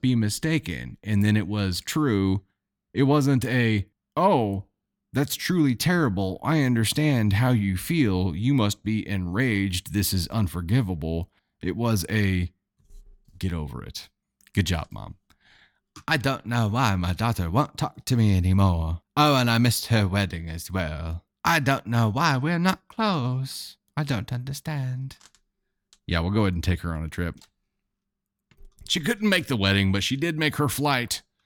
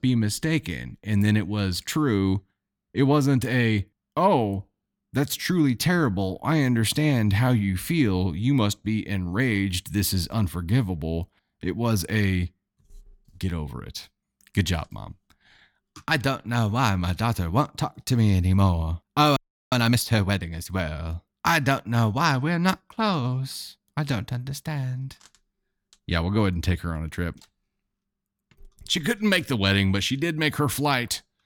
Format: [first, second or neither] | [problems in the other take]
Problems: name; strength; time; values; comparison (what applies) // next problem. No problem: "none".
first | audio freezing; at 19 s